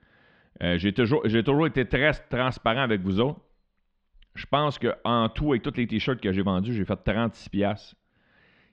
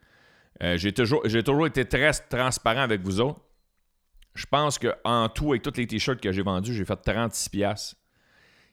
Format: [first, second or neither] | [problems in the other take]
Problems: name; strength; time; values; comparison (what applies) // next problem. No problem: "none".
second | muffled; very; fading above 3.5 kHz